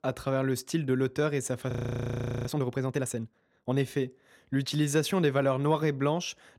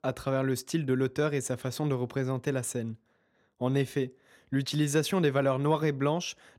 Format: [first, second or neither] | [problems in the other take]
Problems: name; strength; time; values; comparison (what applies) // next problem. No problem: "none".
second | audio freezing; at 1.5 s for 1 s